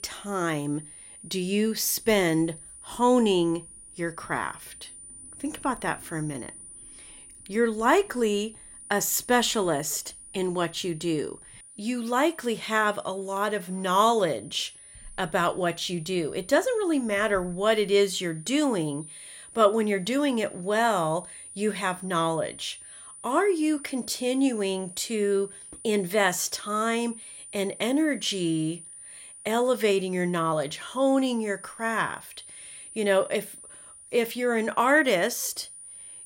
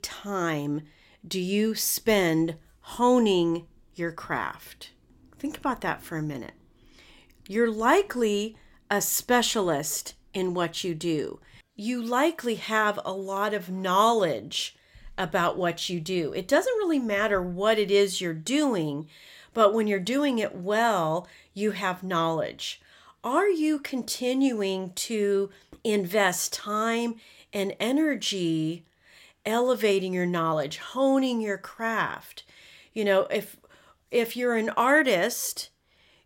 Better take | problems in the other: second | high-pitched whine; noticeable; throughout; 9.5 kHz, 15 dB below the speech

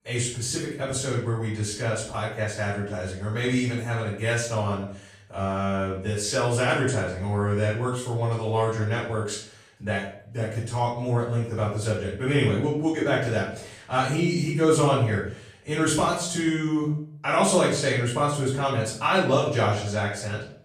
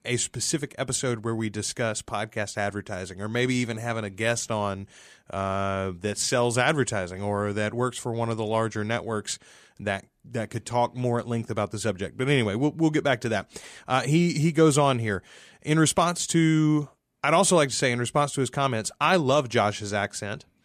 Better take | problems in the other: second | off-mic speech; far // room echo; noticeable; dies away in 0.5 s

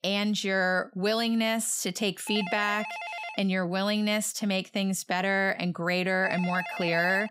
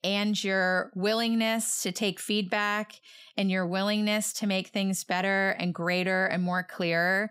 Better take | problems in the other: second | phone ringing; noticeable; from 2.5 s on; peak 7 dB below the speech

